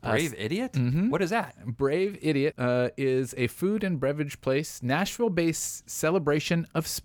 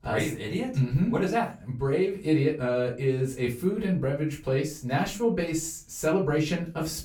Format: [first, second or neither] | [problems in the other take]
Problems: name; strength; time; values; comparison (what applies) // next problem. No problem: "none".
first | off-mic speech; far // room echo; slight; dies away in 0.2 s